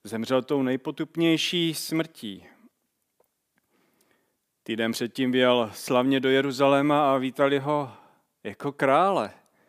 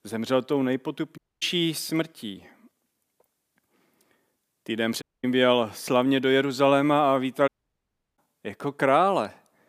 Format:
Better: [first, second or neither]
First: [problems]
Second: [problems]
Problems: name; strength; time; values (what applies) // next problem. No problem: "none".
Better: first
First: none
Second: audio cutting out; at 1 s, at 5 s and at 7.5 s for 0.5 s